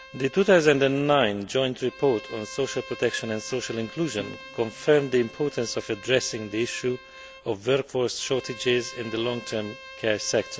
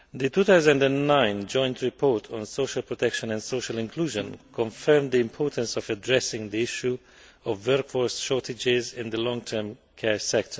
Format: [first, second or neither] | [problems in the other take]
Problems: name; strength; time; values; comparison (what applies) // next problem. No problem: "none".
second | background sound (Bowed string instrument); 18 dB below the speech